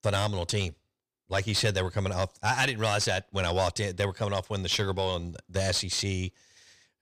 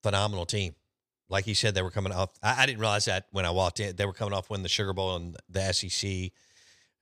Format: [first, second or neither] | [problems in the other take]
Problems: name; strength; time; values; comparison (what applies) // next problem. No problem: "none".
second | distortion; slight; 10 dB below the speech